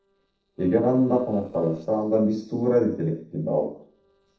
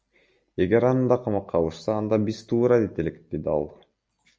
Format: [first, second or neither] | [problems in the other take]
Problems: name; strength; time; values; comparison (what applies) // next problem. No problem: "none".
second | noise reduction (neural separator model SepFormer DNS4)